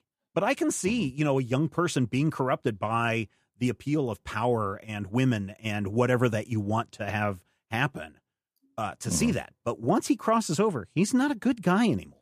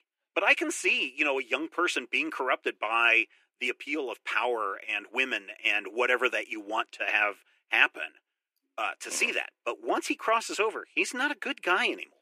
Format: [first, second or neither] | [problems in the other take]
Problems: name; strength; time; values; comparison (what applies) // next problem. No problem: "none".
first | thin; very; fading below 350 Hz